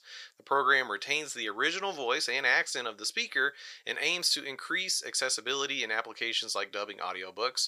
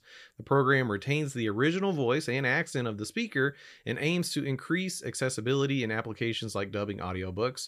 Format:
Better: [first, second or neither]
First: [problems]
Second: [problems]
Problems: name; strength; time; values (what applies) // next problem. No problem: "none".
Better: second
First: thin; very; fading below 750 Hz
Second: none